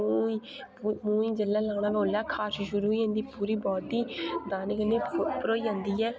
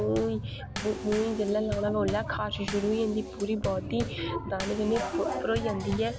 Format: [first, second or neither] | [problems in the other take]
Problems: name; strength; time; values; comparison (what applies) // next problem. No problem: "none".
first | background sound (Bass drum / Snare drum / Drum kit); 7 dB below the speech